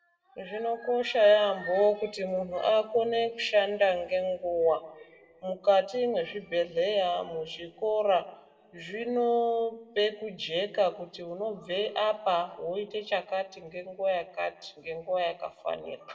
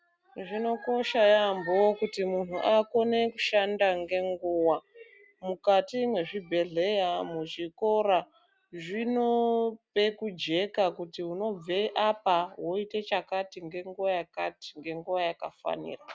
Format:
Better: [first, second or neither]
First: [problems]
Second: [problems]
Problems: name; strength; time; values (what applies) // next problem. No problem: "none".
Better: second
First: room echo; dies away in 0.9 s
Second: none